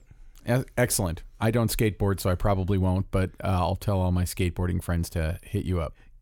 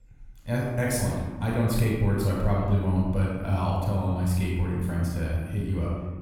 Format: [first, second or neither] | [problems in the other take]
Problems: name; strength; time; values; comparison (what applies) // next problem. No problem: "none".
first | off-mic speech; far // room echo; noticeable; dies away in 1.5 s